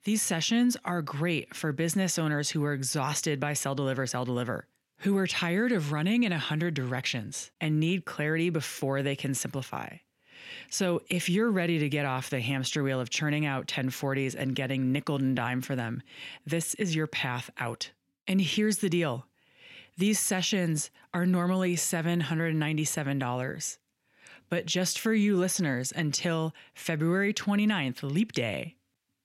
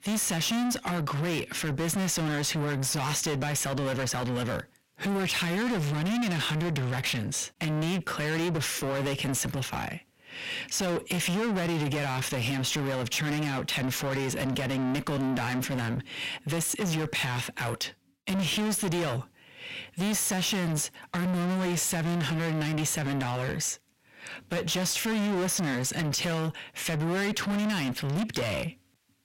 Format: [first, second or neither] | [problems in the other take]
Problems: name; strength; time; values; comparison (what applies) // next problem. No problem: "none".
first | distortion; heavy; 5 dB below the speech